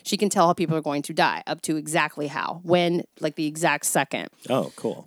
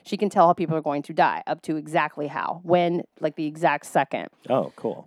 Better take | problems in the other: first | muffled; very; fading above 4 kHz

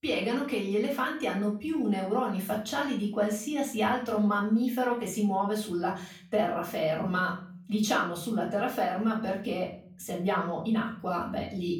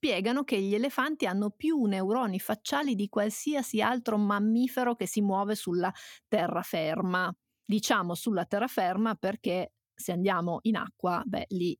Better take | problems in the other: second | room echo; slight; dies away in 0.5 s // off-mic speech; far

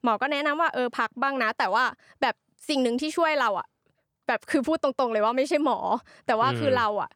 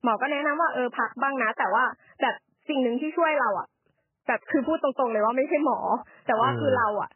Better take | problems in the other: first | garbled, watery; badly; nothing above 3 kHz

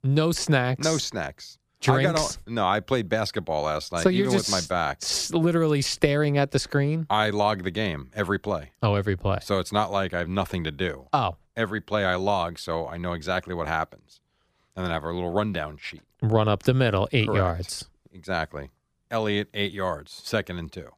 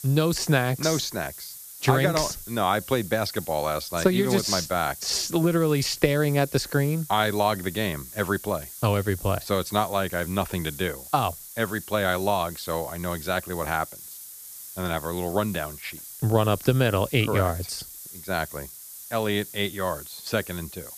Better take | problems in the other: first | hiss; noticeable; throughout; 15 dB below the speech

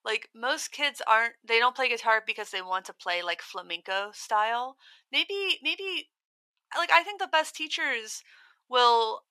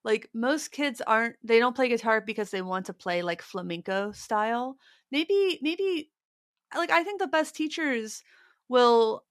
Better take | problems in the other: second | thin; very; fading below 750 Hz

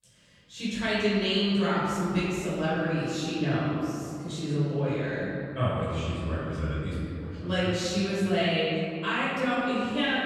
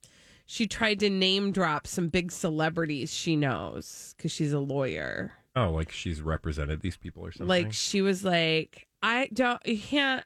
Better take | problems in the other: second | off-mic speech; far // room echo; strong; dies away in 2.3 s

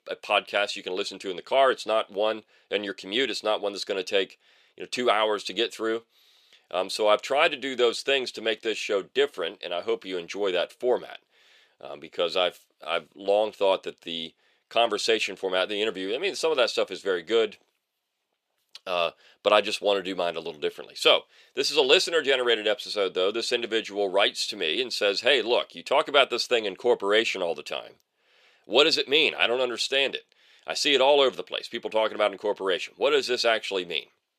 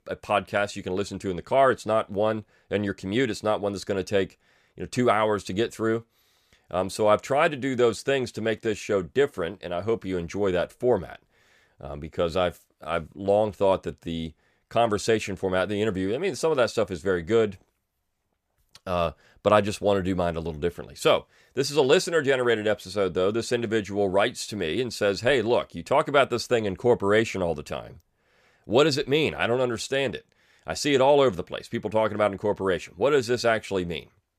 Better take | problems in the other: second | thin; somewhat; fading below 400 Hz

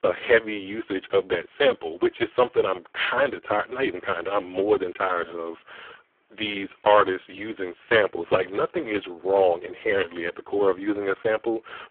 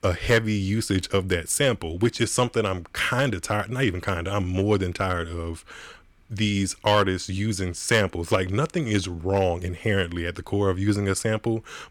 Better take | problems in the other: second | phone-call audio; poor line

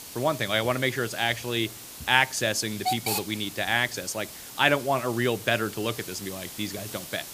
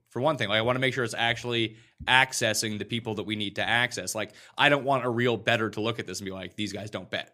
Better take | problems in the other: second | hiss; loud; throughout; 9 dB below the speech

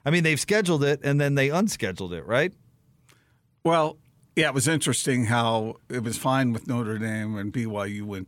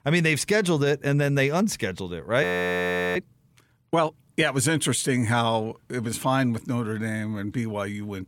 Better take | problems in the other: first | audio freezing; at 2.5 s for 0.5 s

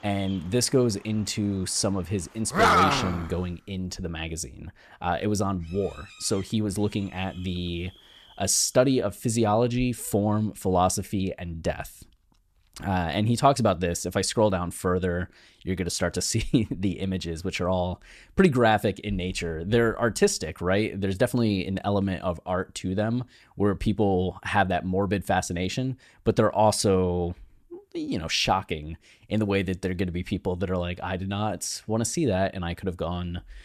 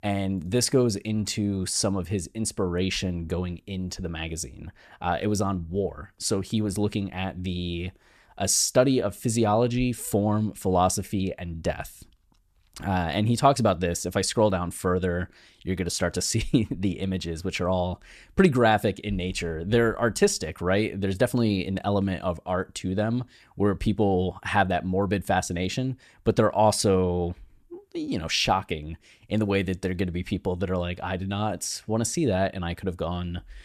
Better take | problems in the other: second | animal sounds; very loud; until 8.5 s; 3 dB above the speech

